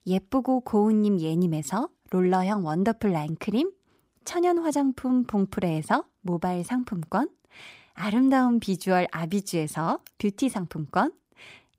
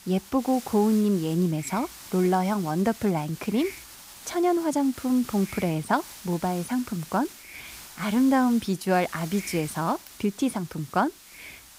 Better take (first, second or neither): first